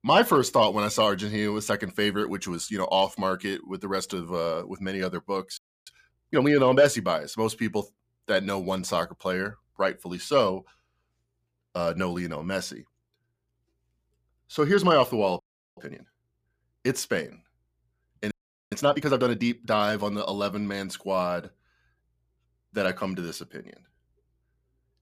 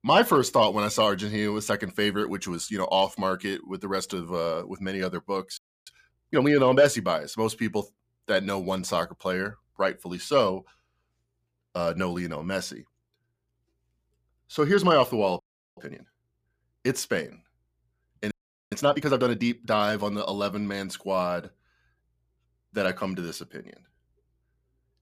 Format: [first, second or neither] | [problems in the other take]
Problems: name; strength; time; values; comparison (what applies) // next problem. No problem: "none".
neither | audio freezing; at 5.5 s, at 15 s and at 18 s; the same in both